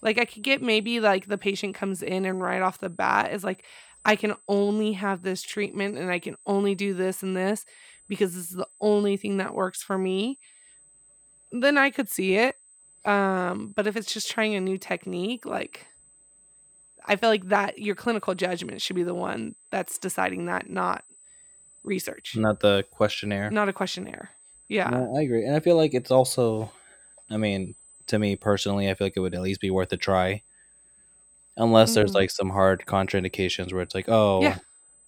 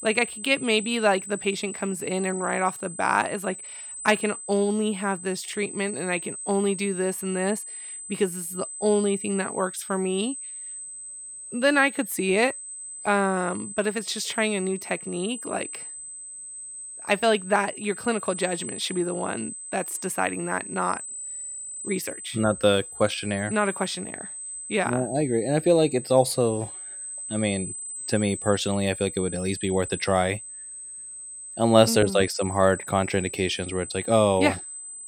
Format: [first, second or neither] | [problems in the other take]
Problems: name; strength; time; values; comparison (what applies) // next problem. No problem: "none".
first | high-pitched whine; loud; throughout; 8 kHz, 9 dB below the speech; faint in the first